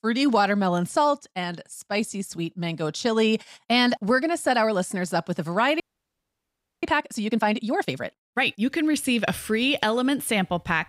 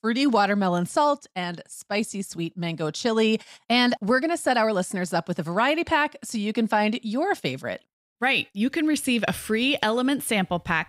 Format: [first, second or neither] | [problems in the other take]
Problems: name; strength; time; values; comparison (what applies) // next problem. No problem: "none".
second | audio freezing; at 6 s for 1 s